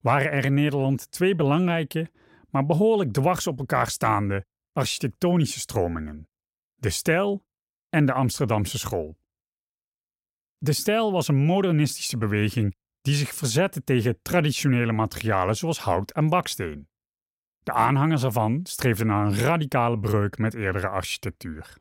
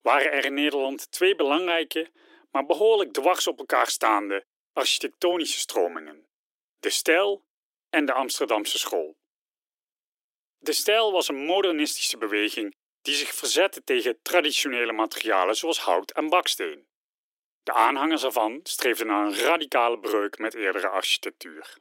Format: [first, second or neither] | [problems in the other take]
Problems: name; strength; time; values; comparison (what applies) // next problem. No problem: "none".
first | thin; very; fading below 300 Hz